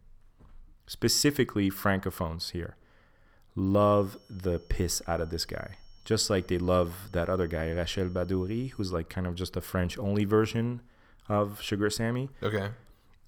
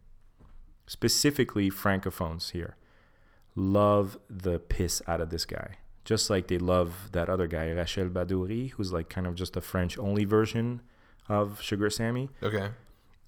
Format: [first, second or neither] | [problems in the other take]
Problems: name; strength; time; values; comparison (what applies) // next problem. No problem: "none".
second | high-pitched whine; faint; from 4 to 9 s; 5.5 kHz, 30 dB below the speech